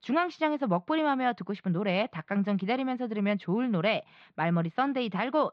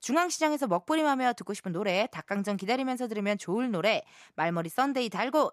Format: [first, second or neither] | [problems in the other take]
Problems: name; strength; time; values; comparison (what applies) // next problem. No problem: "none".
second | muffled; slightly; fading above 4 kHz